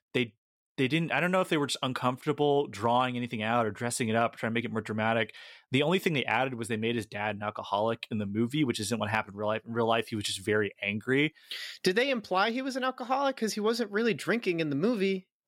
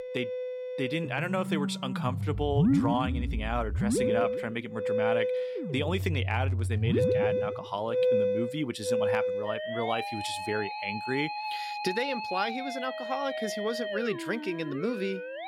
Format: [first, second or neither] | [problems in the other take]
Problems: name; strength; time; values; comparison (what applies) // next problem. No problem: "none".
first | background music; very loud; throughout; 2 dB above the speech